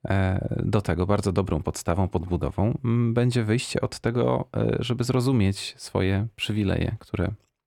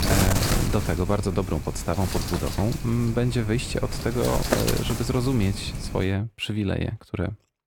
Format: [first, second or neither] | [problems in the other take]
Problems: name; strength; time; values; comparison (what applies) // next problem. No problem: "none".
first | wind noise on the microphone; heavy; until 6 s; 2 dB below the speech